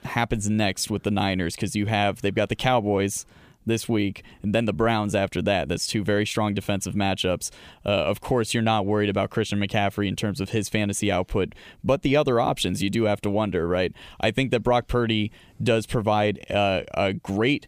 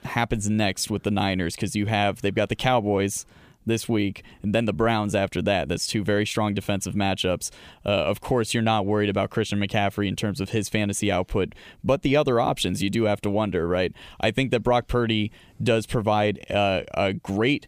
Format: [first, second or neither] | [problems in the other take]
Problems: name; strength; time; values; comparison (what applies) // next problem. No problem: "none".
neither | none